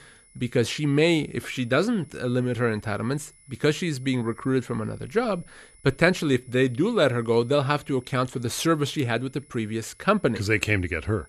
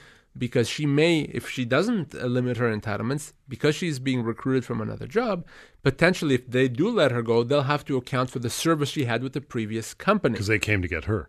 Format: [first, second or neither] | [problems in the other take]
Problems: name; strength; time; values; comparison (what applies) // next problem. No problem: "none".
second | high-pitched whine; faint; throughout; 10 kHz, 30 dB below the speech